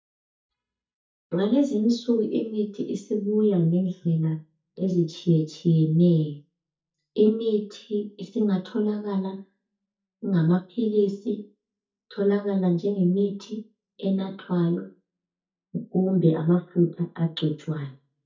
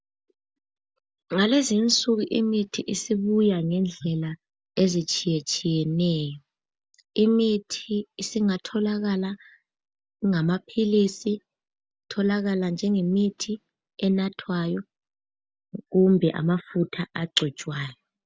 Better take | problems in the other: second | noise reduction (neural mask model DeepFilterNet 3)

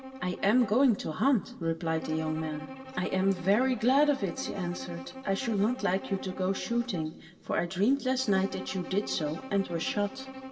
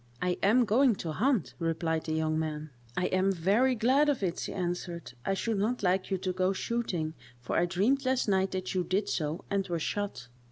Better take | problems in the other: second | background sound (Bowed string instrument); 14 dB below the speech // room echo; dies away in 1.7 s

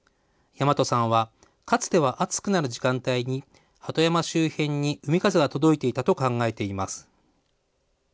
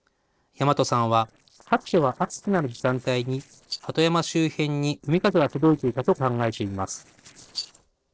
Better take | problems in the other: first | noise reduction (neural separator model SepFormer DNS4)

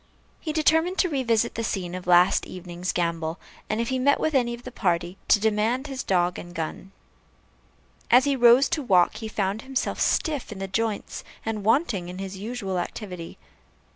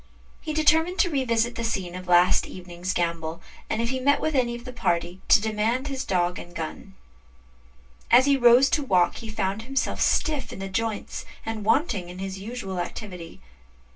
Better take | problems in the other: first | room echo; dies away in 0.1 s

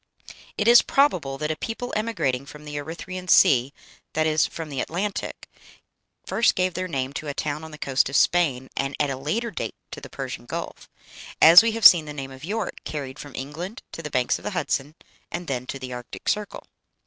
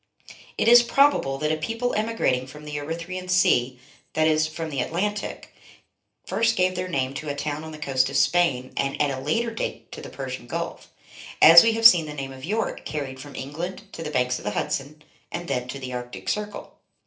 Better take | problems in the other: first | room echo; dies away in 0.3 s

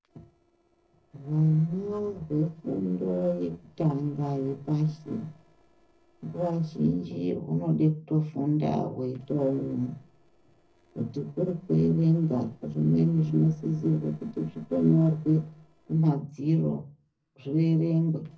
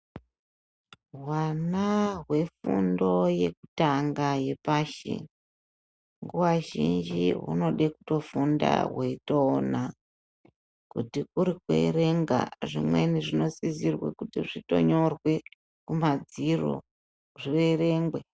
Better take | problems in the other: second | noise reduction (neural separator model SepFormer DNS4)

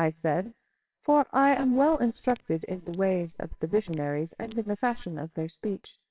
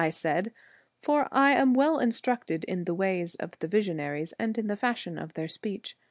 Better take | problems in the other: second | noise reduction (neural separator model SepFormer WHAMR!)

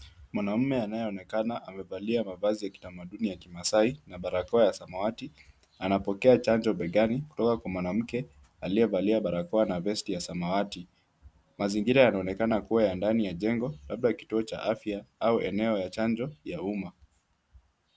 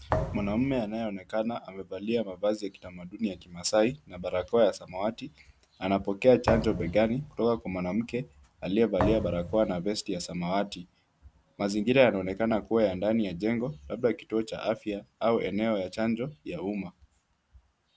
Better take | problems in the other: first | background sound (Thump, thud); 6 dB below the speech

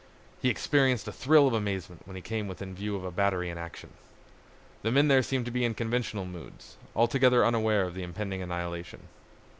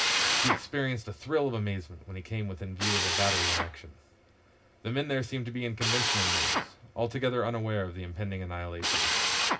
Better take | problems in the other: first | background sound (Drill); 1 dB above the speech // room echo; dies away in 0.4 s

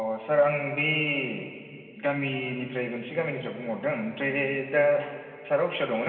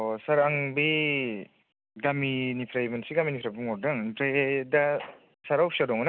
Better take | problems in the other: second | room echo; dies away in 2.6 s

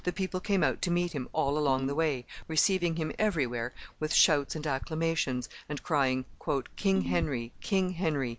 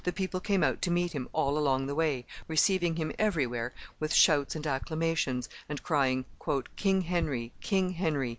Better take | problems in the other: second | background sound (Ringtone); 10 dB below the speech

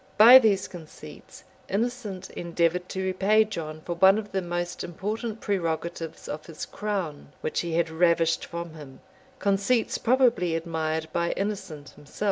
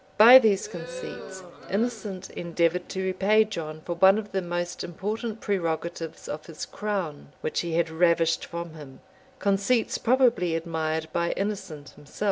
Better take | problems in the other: first | background sound (Crowd); 15 dB below the speech

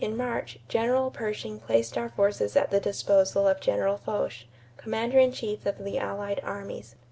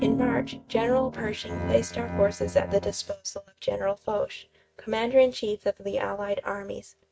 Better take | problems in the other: first | noise reduction (neural mask model RNNoise)

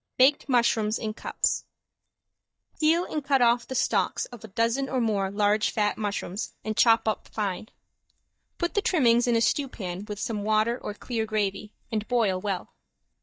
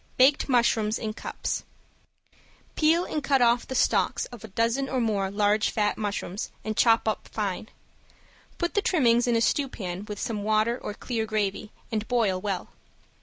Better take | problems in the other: second | noise reduction (neural mask model DeepFilterNet 3)

